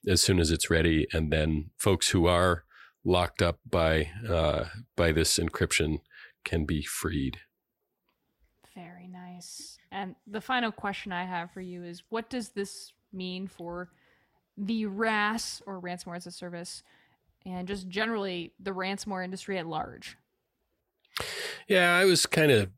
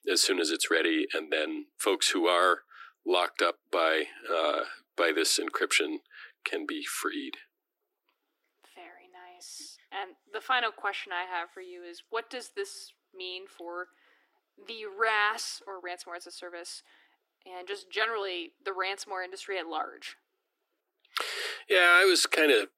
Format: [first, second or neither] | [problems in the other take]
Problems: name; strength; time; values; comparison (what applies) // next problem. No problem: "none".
first | thin; very; fading below 300 Hz